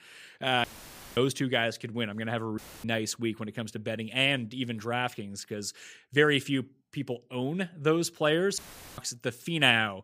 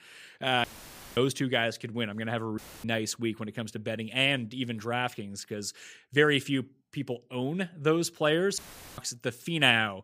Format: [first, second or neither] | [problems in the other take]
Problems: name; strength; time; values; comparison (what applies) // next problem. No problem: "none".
neither | audio cutting out; filled with static; at 0.5 s for 0.5 s, at 2.5 s and at 8.5 s; the same in both